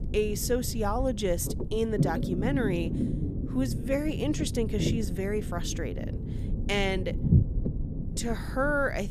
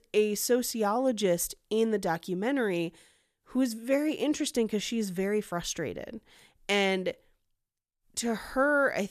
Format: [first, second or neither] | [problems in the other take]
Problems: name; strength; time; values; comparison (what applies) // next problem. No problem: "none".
second | low rumble; loud; throughout; 9 dB below the speech